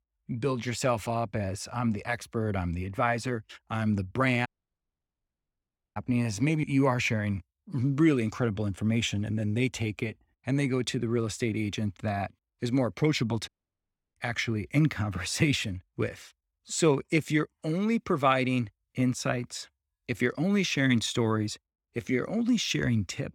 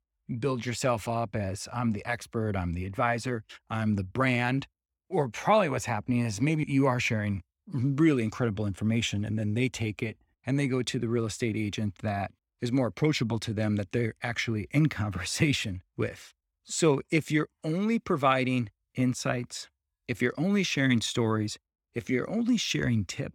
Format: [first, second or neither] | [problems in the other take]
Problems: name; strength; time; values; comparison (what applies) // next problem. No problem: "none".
second | audio cutting out; at 4.5 s for 1.5 s and at 13 s for 0.5 s